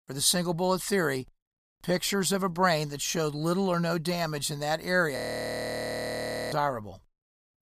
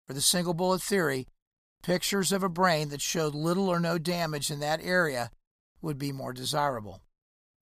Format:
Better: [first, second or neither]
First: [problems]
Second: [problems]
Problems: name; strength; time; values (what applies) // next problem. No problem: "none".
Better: second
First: audio freezing; at 5 s for 1.5 s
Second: none